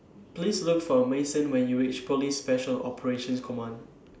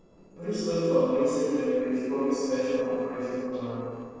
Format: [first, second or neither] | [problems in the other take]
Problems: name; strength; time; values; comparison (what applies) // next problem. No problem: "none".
first | noise reduction (neural separator model SepFormer DNS4)